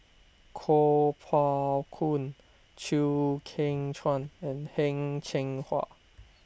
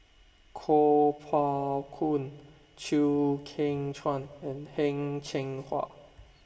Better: first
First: none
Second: room echo; dies away in 1.4 s

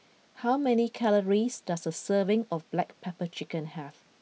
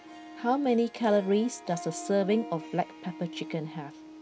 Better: first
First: none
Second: background sound (Harp); 14 dB below the speech

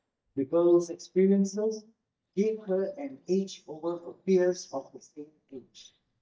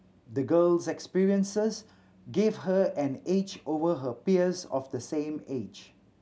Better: second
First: noise reduction (neural mask model DeepFilterNet 3)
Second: none

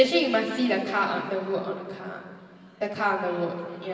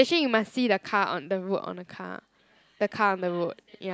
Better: second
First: room echo; dies away in 2.5 s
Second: none

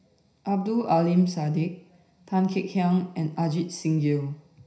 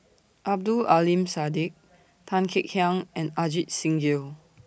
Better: second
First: room echo; dies away in 0.5 s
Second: none

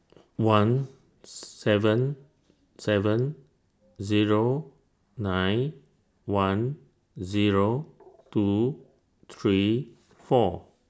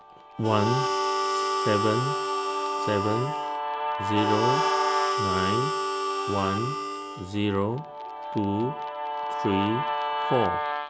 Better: first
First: none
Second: background sound (Harmonica + Guitar); 2 dB above the speech

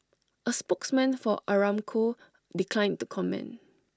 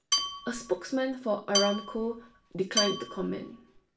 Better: first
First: none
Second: background sound (Dishes, pots, and pans / Glass / Bell); 2 dB below the speech // room echo; dies away in 0.3 s

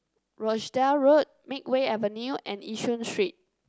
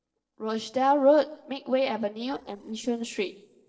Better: first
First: none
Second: noise reduction (neural separator model SepFormer DNS4)

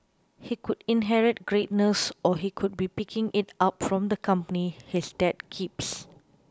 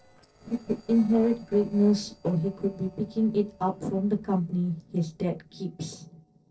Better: first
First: none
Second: noise reduction (neural separator model SepFormer DNS4)

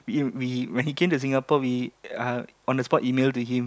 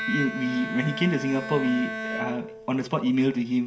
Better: first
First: none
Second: background sound (Bowed string instrument); 8 dB below the speech // room echo; dies away in 0.7 s

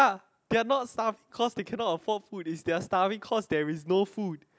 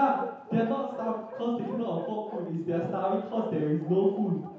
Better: first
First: none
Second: background sound (Bark); 13 dB below the speech // room echo; dies away in 0.9 s

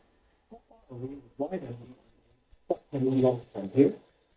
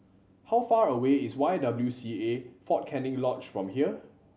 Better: second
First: noise reduction (neural mask model DeepFilterNet 3)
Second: none

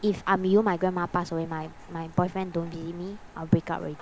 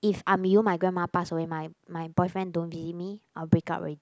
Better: second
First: background sound (Rain); 18 dB below the speech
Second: none

